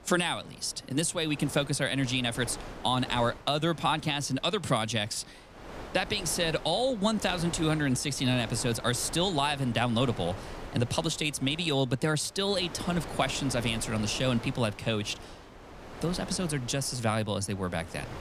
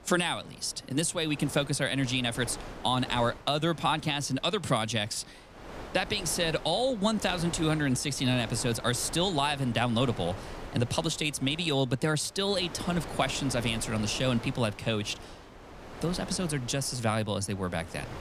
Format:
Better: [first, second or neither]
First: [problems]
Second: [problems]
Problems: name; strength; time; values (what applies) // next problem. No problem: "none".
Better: neither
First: wind noise on the microphone; occasional gusts; 15 dB below the speech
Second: wind noise on the microphone; occasional gusts; 15 dB below the speech